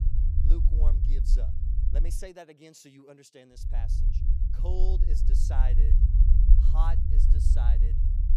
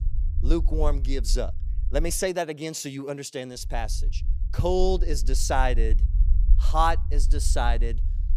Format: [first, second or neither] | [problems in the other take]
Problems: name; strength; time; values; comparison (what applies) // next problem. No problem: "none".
second | low rumble; loud; until 2 s and from 3.5 s on; 2 dB below the speech; faint in the second